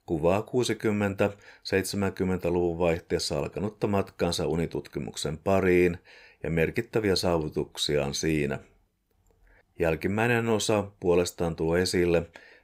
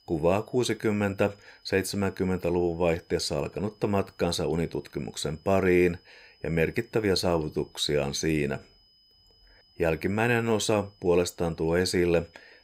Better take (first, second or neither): first